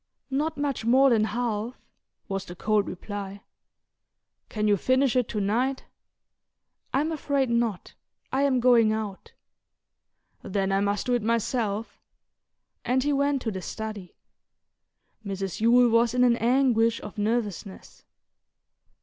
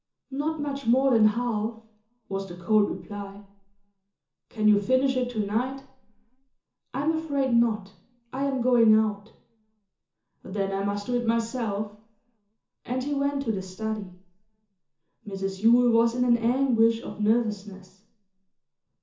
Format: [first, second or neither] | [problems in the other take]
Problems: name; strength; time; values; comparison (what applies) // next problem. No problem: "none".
first | room echo; dies away in 0.7 s